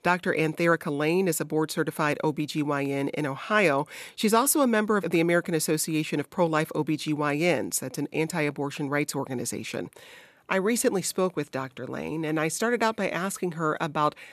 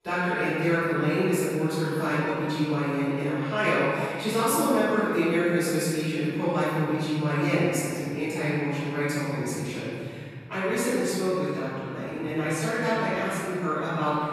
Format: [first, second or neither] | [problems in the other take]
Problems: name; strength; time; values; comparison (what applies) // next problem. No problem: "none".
first | room echo; strong; dies away in 2.9 s // off-mic speech; far